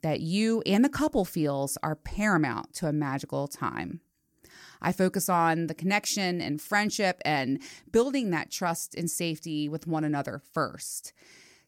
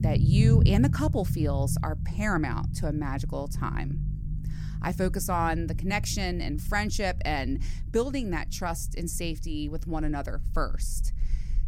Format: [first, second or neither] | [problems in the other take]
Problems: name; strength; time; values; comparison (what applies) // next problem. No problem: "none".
first | low rumble; loud; throughout; 10 dB below the speech